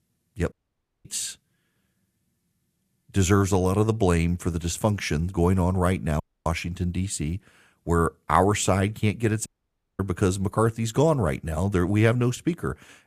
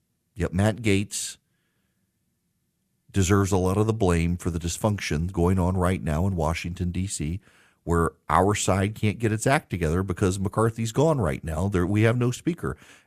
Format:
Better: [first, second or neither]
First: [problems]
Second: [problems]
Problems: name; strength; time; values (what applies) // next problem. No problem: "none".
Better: second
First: audio cutting out; at 0.5 s for 0.5 s, at 6 s and at 9.5 s for 0.5 s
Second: none